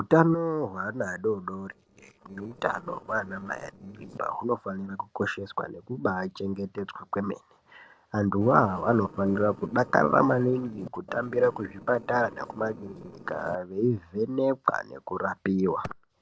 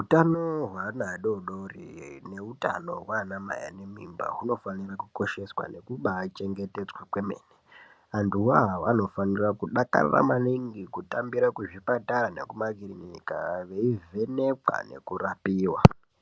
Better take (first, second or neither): second